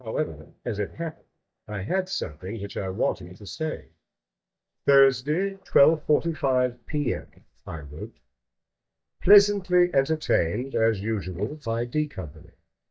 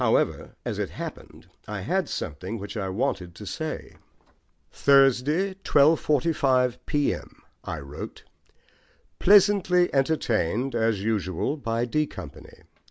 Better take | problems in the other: second | noise reduction (neural mask model DeepFilterNet 3)

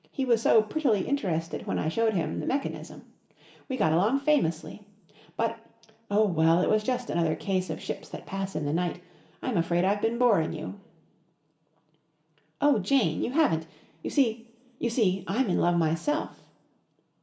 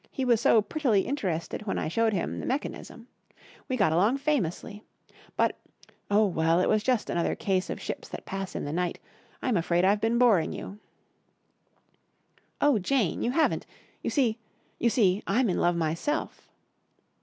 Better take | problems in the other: second | room echo; dies away in 0.6 s

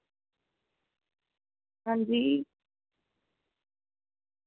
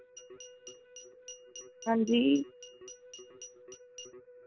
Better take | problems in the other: first | background sound (Keyboard (musical) + Glass); 16 dB below the speech

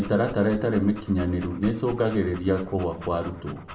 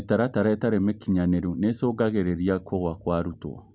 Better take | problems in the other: second | background sound (Dog); 19 dB below the speech // room echo; dies away in 0.5 s

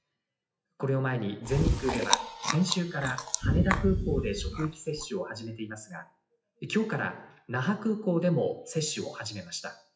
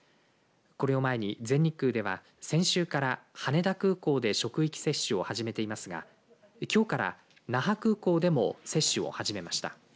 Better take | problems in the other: second | noise reduction (classical method WPE with log-MMSE)

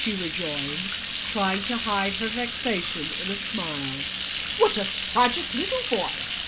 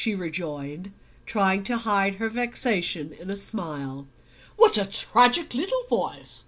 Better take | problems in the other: second | background sound (Bathtub (filling or washing)); 2 dB below the speech

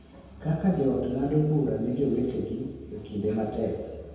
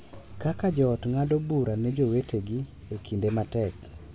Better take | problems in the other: second | room echo; dies away in 1.1 s

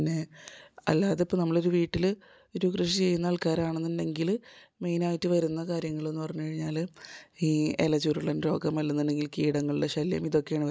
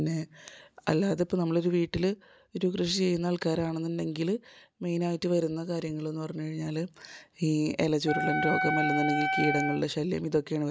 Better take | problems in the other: first | background sound (Wind instrument, woodwind instrument); as loud as the speech

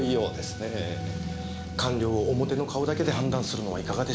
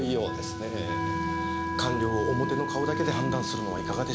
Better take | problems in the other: first | background sound (Wind instrument, woodwind instrument); 3 dB below the speech

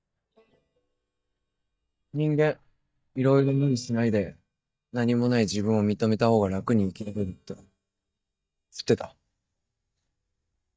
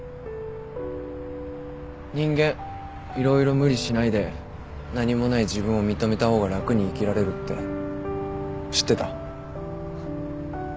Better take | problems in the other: second | noise reduction (neural mask model DeepFilterNet 3)

